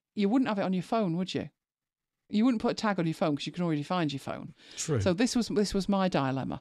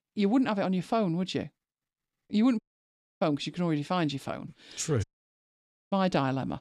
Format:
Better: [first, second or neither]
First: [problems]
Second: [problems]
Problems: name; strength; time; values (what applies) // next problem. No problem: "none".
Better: first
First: none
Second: audio cutting out; at 2.5 s for 0.5 s and at 5 s for 1 s